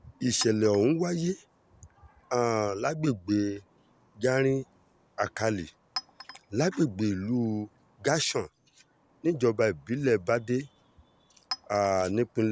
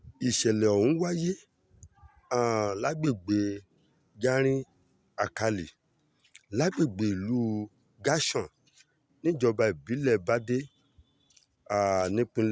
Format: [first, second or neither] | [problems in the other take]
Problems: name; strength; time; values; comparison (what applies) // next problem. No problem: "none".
second | background sound (Chink, clink); 20 dB below the speech